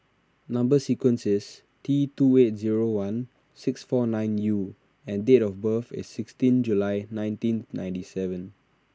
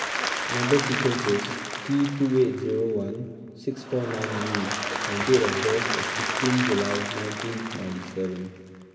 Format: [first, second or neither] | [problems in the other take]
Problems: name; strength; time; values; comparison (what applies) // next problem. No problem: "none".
first | background sound (Applause / Crowd); 4 dB below the speech // room echo; dies away in 2.8 s